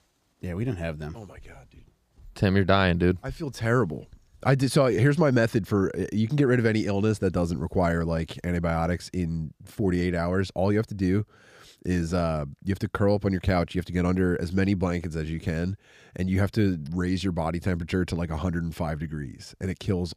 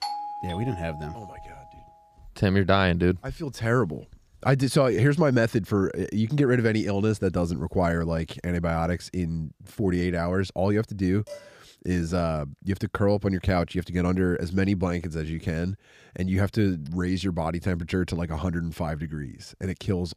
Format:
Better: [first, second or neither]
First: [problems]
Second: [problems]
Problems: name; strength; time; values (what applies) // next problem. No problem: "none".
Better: first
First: none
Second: doorbell; noticeable; until 1.5 s; peak 6 dB below the speech // clattering dishes; faint; at 11 s; peak 15 dB below the speech